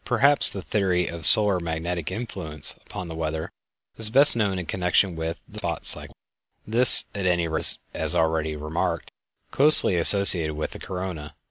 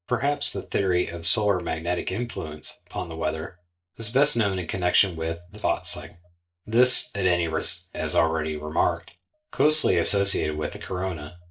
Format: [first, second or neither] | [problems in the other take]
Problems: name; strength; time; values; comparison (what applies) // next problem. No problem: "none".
first | noise reduction (neural mask model DeepFilterNet 3)